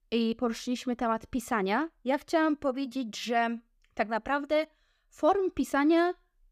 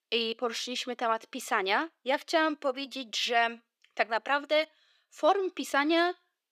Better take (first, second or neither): first